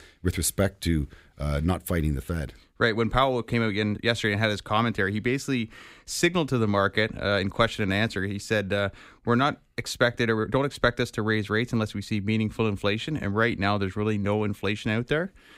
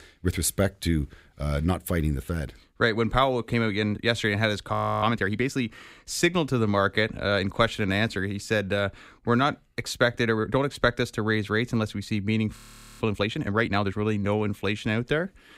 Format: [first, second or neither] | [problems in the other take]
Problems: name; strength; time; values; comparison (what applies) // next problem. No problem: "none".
first | audio freezing; at 4.5 s and at 13 s